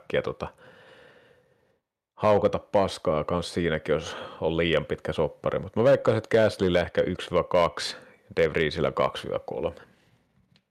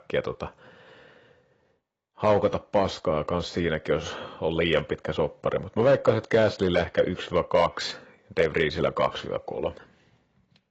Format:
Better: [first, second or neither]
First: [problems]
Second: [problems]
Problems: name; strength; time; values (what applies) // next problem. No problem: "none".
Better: first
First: none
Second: garbled, watery; badly; nothing above 7.5 kHz